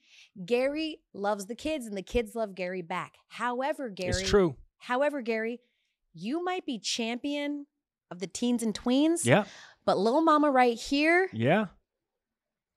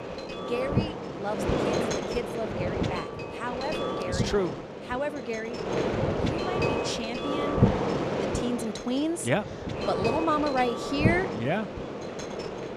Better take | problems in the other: first | wind noise on the microphone; heavy; as loud as the speech

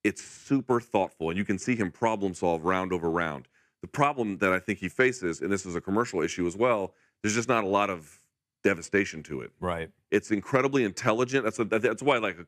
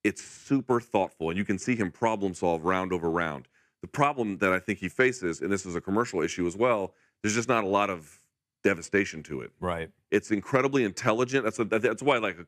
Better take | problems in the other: neither | none

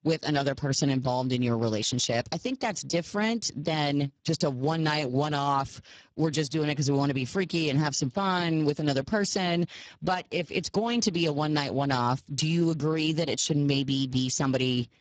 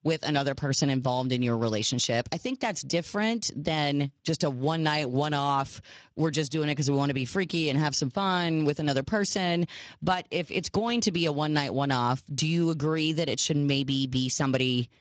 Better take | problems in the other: second | garbled, watery; badly; nothing above 7.5 kHz; slightly in the second

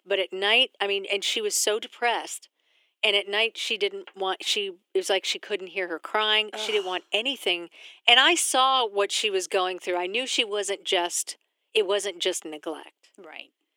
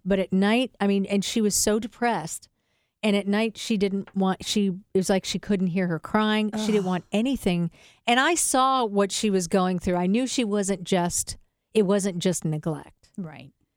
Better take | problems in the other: second | thin; very; fading below 350 Hz

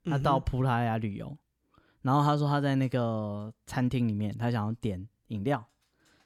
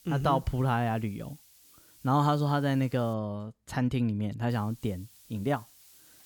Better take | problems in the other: first | hiss; faint; until 3 s and from 4.5 s on; 25 dB below the speech

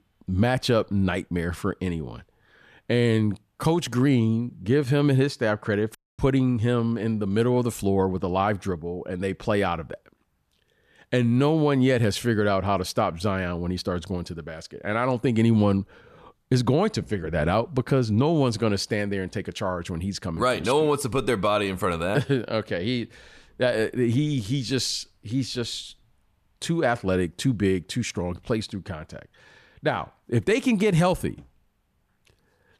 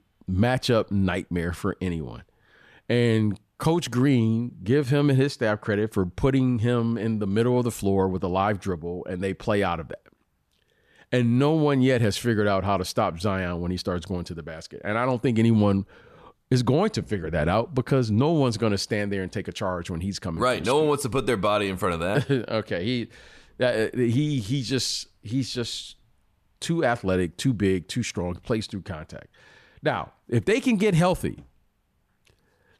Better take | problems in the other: second | audio cutting out; at 6 s

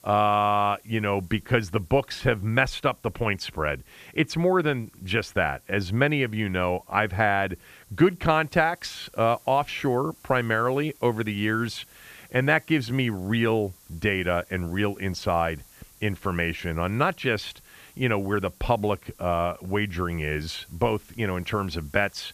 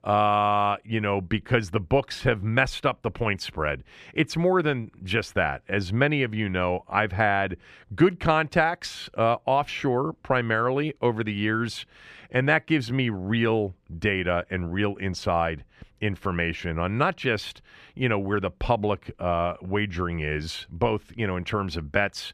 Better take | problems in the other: second | hiss; faint; throughout; 25 dB below the speech

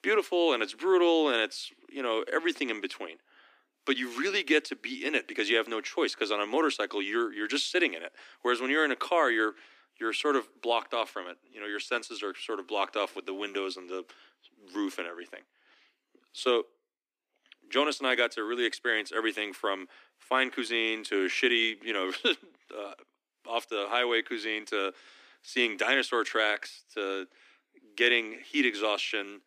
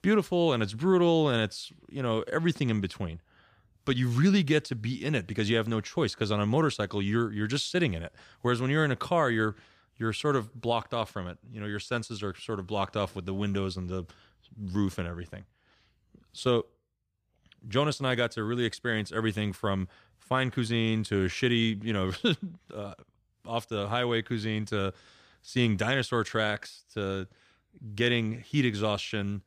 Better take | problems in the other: second | thin; somewhat; fading below 250 Hz

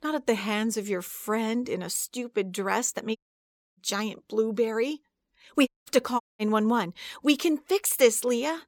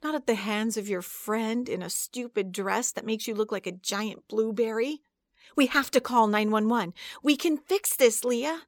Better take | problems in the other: second | audio cutting out; at 3 s for 0.5 s, at 5.5 s and at 6 s

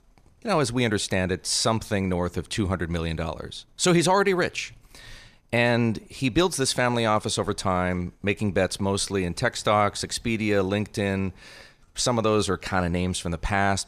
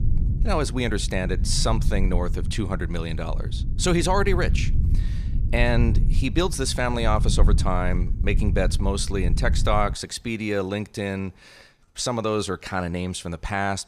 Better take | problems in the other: first | low rumble; noticeable; until 10 s; 15 dB below the speech

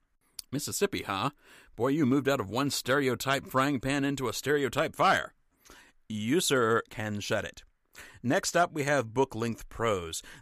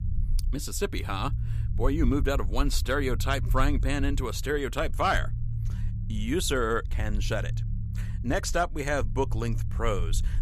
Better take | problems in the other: first | low rumble; noticeable; throughout; 20 dB below the speech

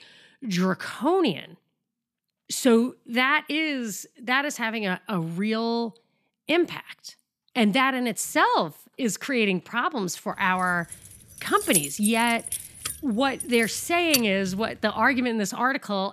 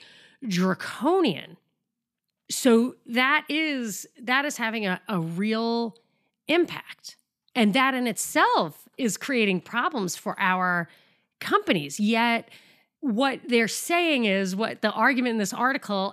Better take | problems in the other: second | jangling keys; loud; from 11 to 14 s; peak 1 dB above the speech

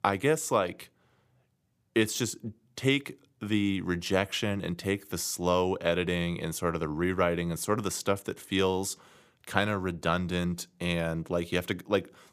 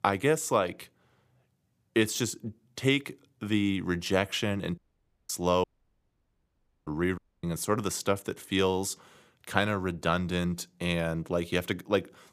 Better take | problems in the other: first | audio cutting out; at 5 s for 0.5 s, at 5.5 s for 1 s and at 7 s

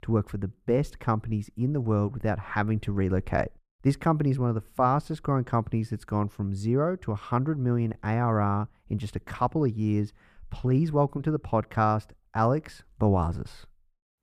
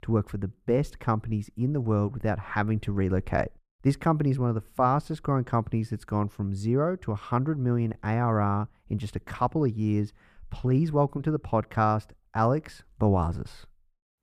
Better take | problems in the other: neither | muffled; slightly; fading above 3 kHz; the same in both

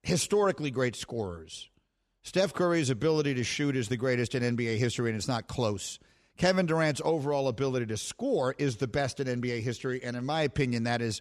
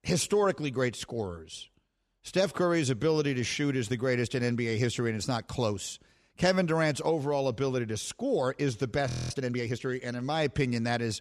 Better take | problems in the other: first | audio freezing; at 9 s

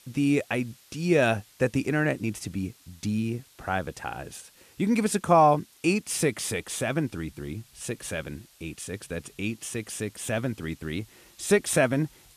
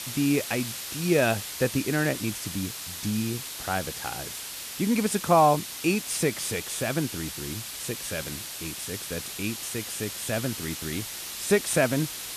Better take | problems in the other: first | hiss; loud; throughout; 6 dB below the speech; faint in the first

